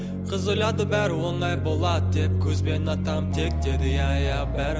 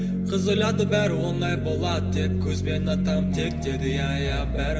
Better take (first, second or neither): first